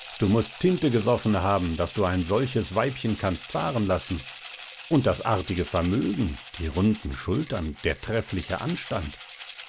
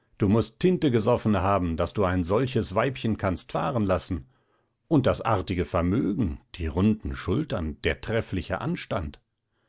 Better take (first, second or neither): second